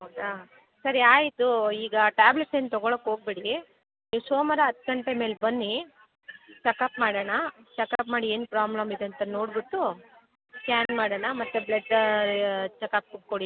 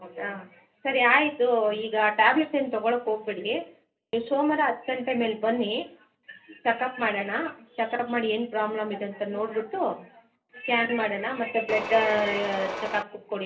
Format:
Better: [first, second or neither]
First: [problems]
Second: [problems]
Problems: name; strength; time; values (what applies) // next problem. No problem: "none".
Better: first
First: none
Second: background sound (Mechanisms); 6 dB below the speech // room echo; dies away in 0.3 s